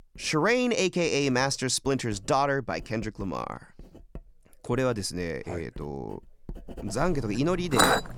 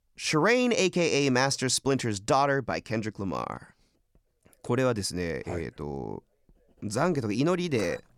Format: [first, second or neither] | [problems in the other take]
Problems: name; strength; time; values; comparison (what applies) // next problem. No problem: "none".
second | household noises; loud; throughout; 2 dB below the speech; faint in the second